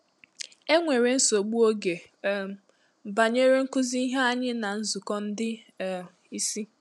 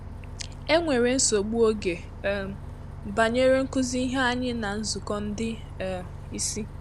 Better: first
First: none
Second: background sound (Bus); 12 dB below the speech

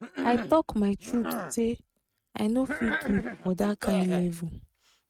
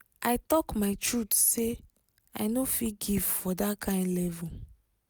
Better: second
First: noise reduction (neural mask model RNNoise)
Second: none

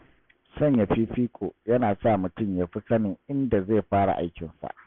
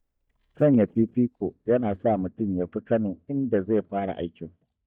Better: first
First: none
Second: noise reduction (neural mask model DeepFilterNet 3)

